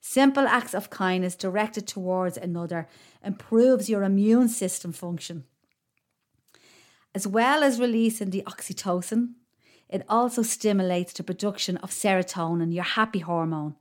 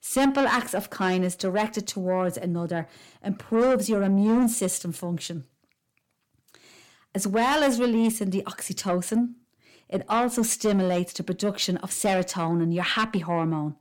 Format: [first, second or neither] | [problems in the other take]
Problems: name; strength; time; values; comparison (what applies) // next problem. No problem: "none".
first | distortion; slight; 10 dB below the speech